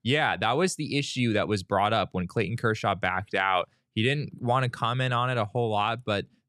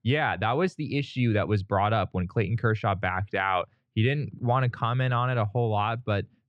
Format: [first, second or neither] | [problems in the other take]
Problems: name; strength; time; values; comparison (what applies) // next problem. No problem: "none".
first | muffled; slightly; fading above 2.5 kHz